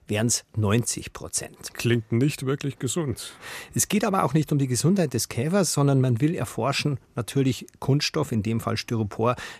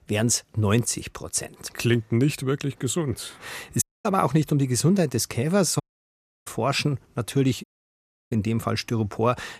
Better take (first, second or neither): first